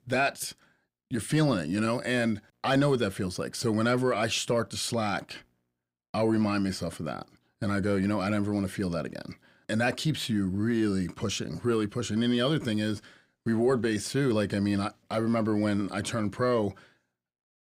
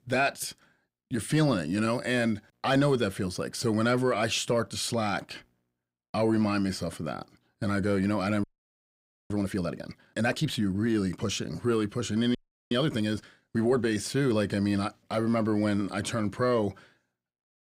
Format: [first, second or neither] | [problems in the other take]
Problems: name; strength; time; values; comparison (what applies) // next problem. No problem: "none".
first | audio freezing; at 8.5 s for 1 s and at 12 s